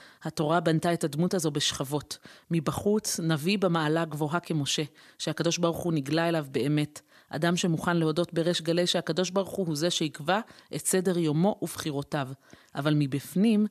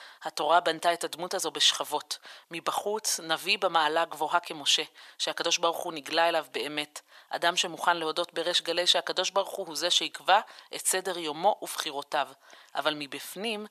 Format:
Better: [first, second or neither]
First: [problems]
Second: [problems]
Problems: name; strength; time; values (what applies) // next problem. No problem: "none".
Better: first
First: none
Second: thin; very; fading below 700 Hz